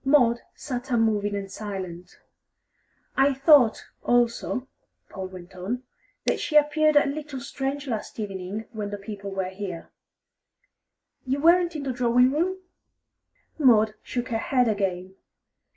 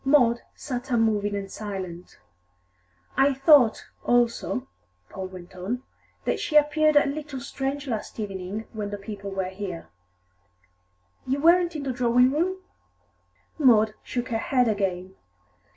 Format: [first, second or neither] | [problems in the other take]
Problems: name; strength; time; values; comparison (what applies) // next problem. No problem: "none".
second | noise reduction (neural mask model Resemble Enhance denoiser)